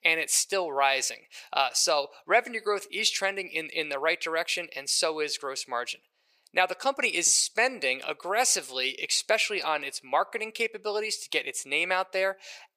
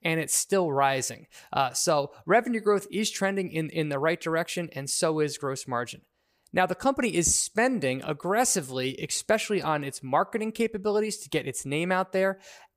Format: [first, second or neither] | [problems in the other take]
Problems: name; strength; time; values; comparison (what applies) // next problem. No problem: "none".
second | thin; very; fading below 550 Hz